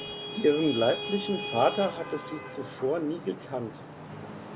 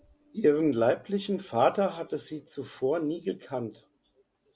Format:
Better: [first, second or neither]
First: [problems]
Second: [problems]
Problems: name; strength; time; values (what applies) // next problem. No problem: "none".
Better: second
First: background sound (Traffic noise, roadway noise / Vehicle horn, car horn, honking); 8 dB below the speech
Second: none